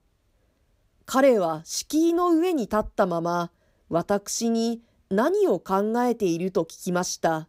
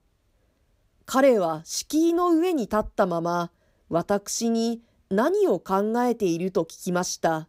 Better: neither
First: none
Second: none

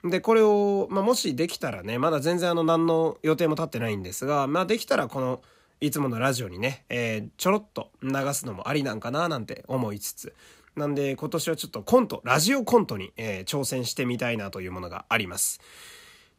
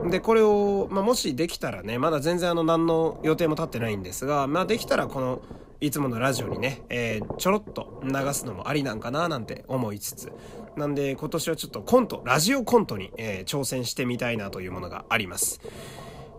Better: first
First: none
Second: low rumble; noticeable; throughout; 20 dB below the speech

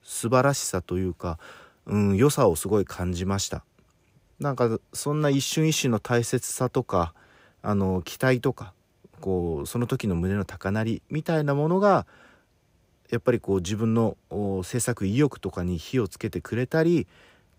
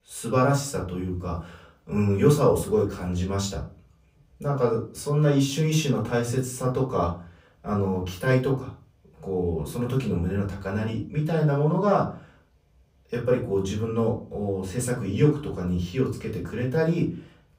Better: first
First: none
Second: off-mic speech; far // room echo; slight; dies away in 0.3 s

